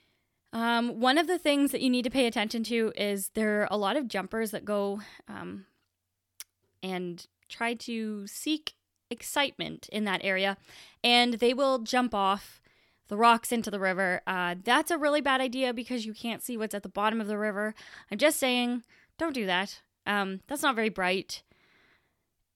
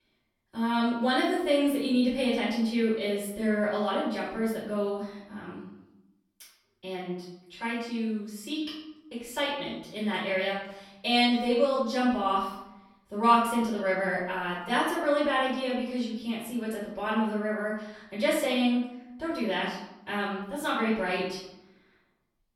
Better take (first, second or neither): first